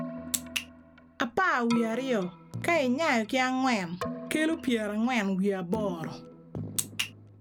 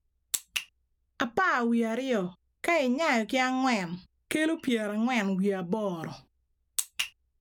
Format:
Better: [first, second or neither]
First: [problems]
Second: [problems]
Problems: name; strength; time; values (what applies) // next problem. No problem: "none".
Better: second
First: background sound (Keyboard (musical)); 12 dB below the speech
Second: none